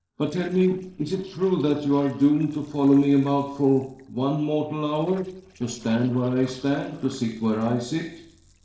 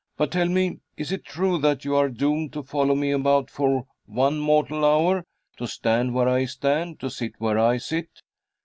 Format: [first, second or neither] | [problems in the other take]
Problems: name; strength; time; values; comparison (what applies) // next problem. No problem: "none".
second | noise reduction (neural separator model SepFormer DNS4)